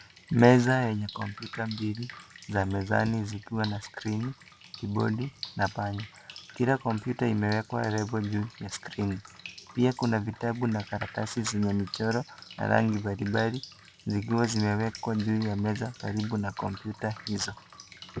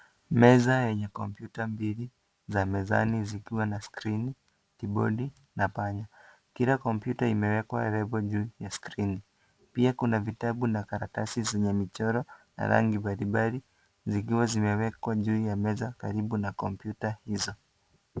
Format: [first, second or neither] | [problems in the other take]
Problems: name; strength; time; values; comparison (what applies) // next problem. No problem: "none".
second | background sound (Drip); 18 dB below the speech